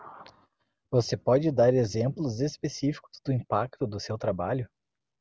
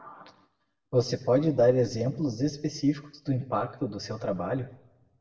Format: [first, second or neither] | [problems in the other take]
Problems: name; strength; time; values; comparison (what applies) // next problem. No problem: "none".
first | room echo; dies away in 0.6 s